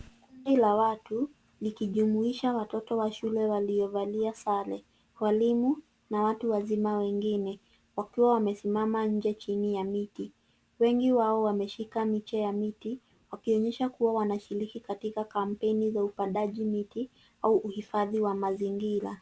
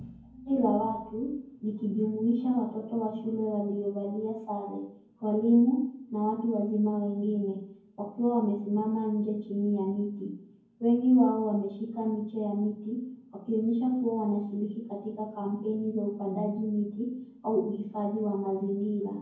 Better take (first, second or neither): first